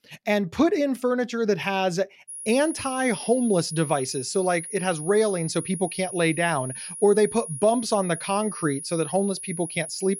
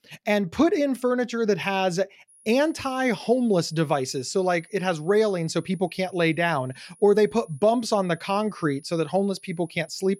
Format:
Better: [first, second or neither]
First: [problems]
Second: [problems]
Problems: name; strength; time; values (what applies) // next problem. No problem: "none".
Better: second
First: high-pitched whine; loud; from 2.5 s on; 10.5 kHz, 9 dB below the speech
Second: high-pitched whine; faint; from 2.5 s on; 10.5 kHz, 30 dB below the speech